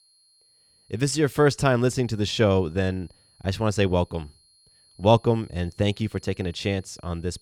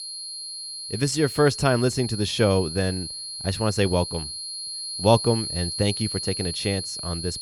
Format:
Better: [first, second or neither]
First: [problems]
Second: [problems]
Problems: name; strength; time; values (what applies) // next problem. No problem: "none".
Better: first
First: high-pitched whine; faint; throughout; 4.5 kHz, 30 dB below the speech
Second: high-pitched whine; loud; throughout; 4.5 kHz, 6 dB below the speech